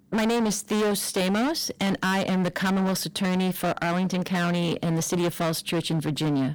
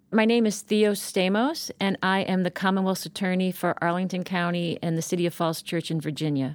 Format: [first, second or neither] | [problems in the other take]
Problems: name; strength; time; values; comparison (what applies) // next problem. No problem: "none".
second | distortion; heavy; 28% of the sound clipped